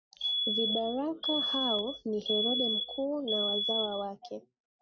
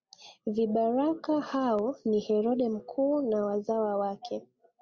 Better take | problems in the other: second | noise reduction (neural mask model RNNoise)

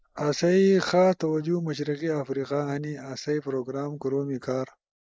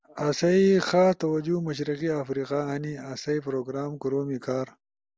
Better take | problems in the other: second | noise reduction (neural mask model Resemble Enhance denoiser)

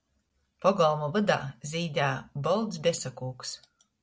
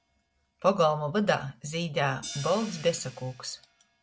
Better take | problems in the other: first | background sound (Hi-hat); 18 dB below the speech

